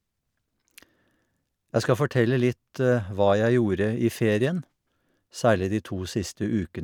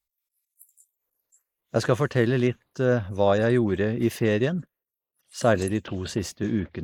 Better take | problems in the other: first | noise reduction (neural mask model Resemble Enhance denoiser)

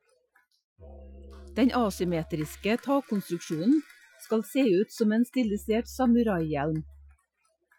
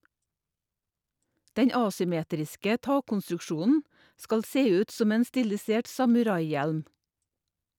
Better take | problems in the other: second | noise reduction (classical method Wiener filter)

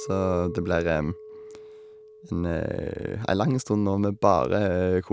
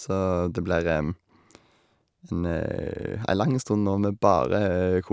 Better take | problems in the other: second | background sound (Chink, clink); 17 dB below the speech

